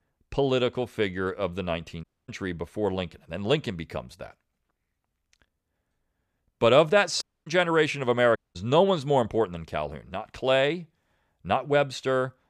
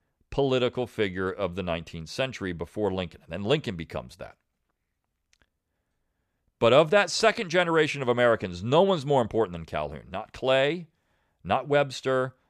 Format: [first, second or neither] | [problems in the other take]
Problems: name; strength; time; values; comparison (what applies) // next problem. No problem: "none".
second | audio cutting out; at 2 s, at 7 s and at 8.5 s